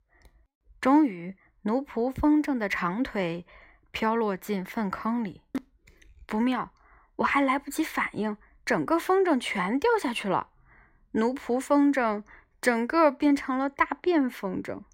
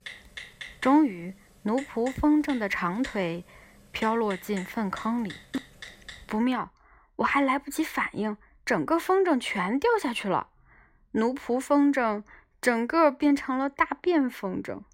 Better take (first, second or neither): first